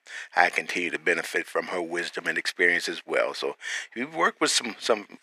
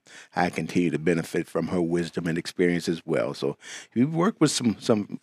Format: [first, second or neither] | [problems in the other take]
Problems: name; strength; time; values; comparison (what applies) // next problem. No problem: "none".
second | thin; very; fading below 600 Hz